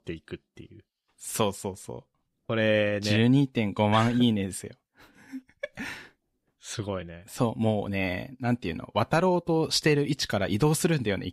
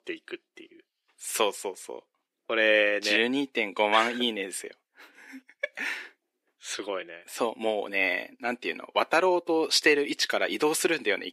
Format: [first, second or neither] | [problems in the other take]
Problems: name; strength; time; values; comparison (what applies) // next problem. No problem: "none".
first | thin; somewhat; fading below 350 Hz